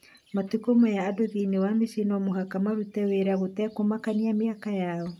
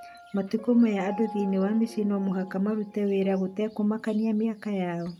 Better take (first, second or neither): first